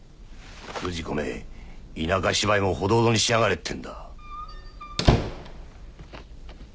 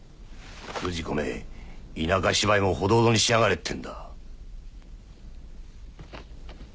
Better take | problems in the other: second | background sound (Squeak); 1 dB below the speech

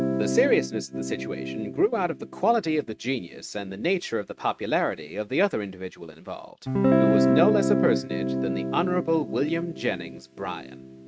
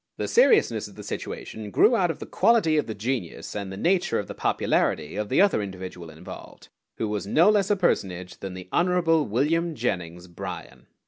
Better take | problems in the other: second | noise reduction (neural mask model RNNoise)

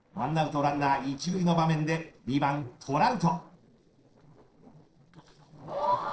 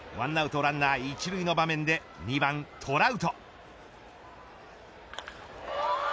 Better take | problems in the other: second | noise reduction (neural separator model SepFormer DNS4)

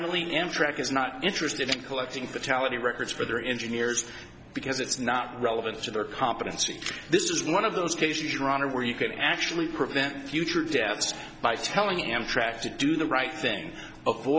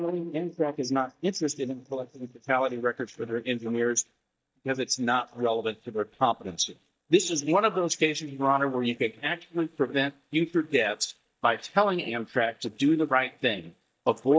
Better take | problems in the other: first | noise reduction (neural mask model DeepFilterNet 3)

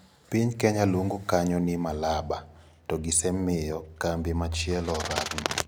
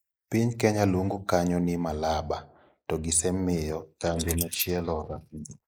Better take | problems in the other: first | noise reduction (neural mask model Resemble Enhance denoiser)

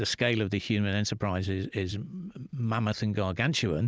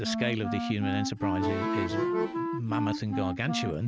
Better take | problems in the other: first | background sound (Accordion + Wind instrument, woodwind instrument); 1 dB above the speech

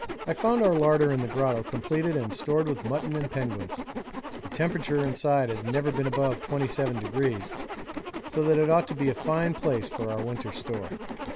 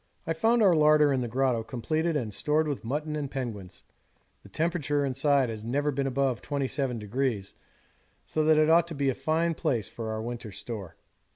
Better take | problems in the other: second | background sound (Zipper (clothing)); 9 dB below the speech

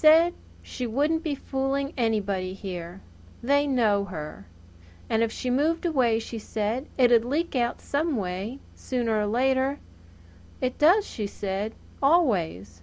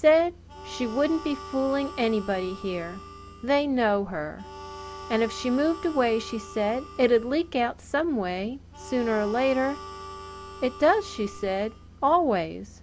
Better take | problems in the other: first | background sound (Harmonica); 16 dB below the speech

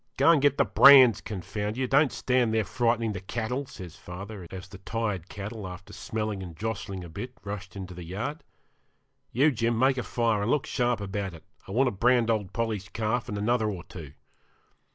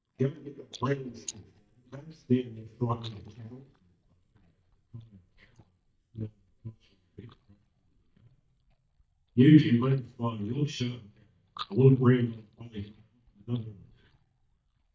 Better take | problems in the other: first | noise reduction (neural mask model DeepFilterNet 3)

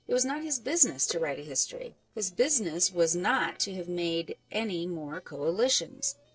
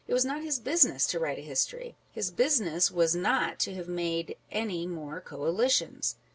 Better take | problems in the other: second | noise reduction (neural separator model SepFormer DNS4)

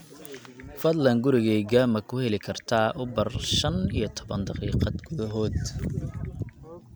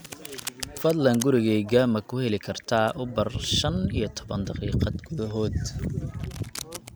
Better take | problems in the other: first | background sound (Domestic sounds, home sounds); 19 dB below the speech

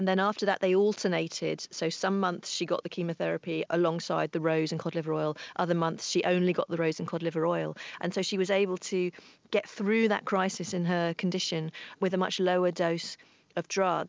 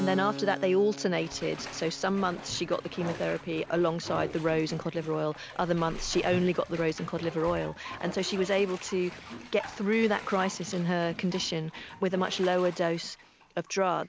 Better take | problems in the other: first | background sound (Bathtub (filling or washing) + Keyboard (musical)); 13 dB below the speech

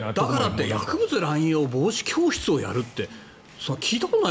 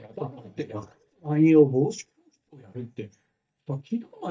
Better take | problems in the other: first | noise reduction (neural mask model DeepFilterNet 3)

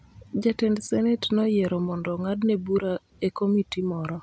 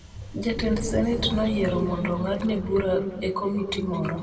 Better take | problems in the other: first | background sound (Subway, metro, underground); 11 dB below the speech // room echo; dies away in 2.2 s

